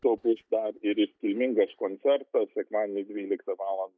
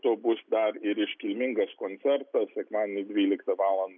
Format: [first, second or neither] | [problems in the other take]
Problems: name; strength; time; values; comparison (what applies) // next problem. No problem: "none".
second | noise reduction (neural mask model DeepFilterNet 3)